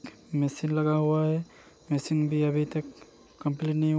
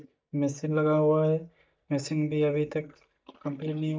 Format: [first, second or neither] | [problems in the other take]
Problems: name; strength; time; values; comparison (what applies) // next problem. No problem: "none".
first | noise reduction (neural mask model DeepFilterNet 3)